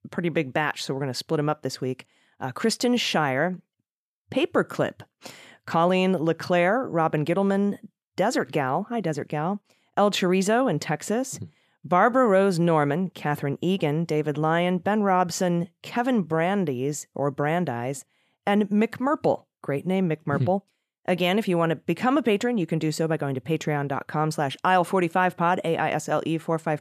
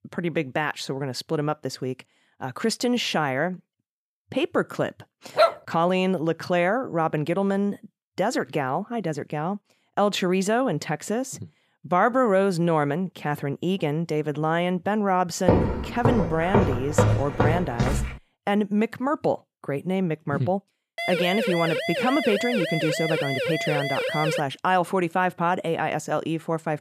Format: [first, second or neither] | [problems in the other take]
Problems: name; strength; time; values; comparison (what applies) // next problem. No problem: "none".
first | dog barking; loud; at 5.5 s; peak 4 dB above the speech // footsteps; loud; from 15 to 18 s; peak 4 dB above the speech // siren; noticeable; from 21 to 24 s; peak 1 dB below the speech